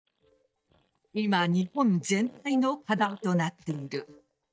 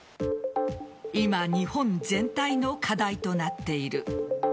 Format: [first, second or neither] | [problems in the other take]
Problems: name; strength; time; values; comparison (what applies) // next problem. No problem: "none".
second | noise reduction (neural mask model DeepFilterNet 3)